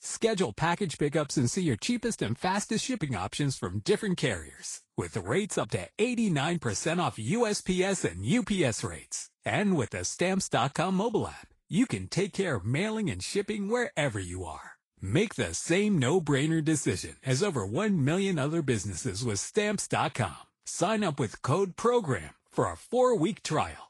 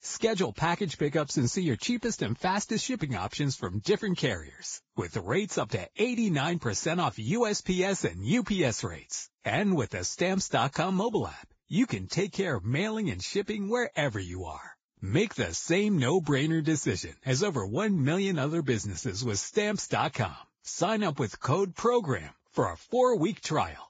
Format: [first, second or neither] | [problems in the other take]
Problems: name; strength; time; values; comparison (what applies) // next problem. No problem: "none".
first | garbled, watery; badly; nothing above 7.5 kHz; slightly in the first